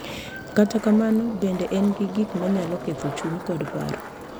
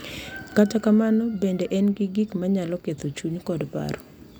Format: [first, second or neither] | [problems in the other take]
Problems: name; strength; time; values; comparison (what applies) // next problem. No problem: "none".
second | background sound (Skateboard); 11 dB below the speech